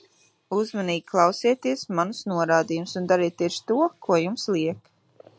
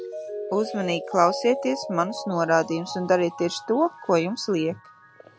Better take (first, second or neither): first